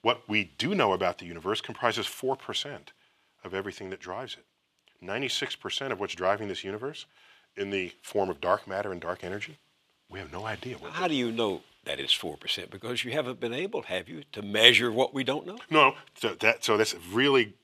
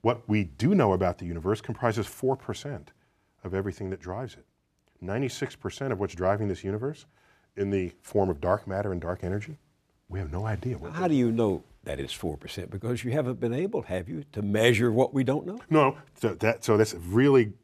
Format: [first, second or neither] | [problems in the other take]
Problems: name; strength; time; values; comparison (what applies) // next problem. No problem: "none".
second | thin; somewhat; fading below 500 Hz